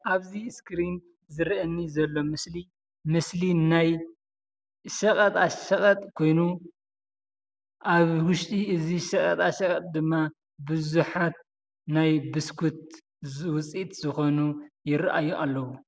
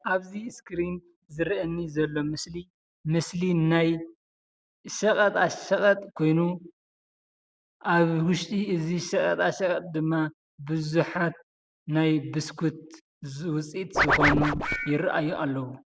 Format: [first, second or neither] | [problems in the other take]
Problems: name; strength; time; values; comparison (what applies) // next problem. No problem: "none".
first | background sound (Scratching (performance technique)); 1 dB above the speech